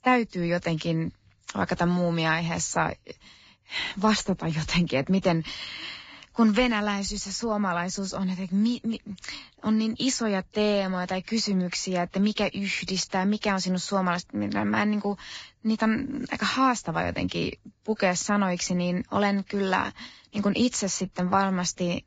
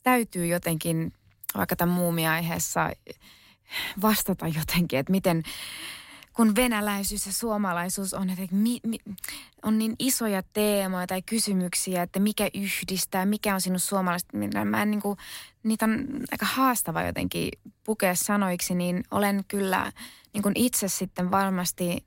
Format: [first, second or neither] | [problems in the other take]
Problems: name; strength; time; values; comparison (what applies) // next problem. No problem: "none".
second | garbled, watery; badly; nothing above 7.5 kHz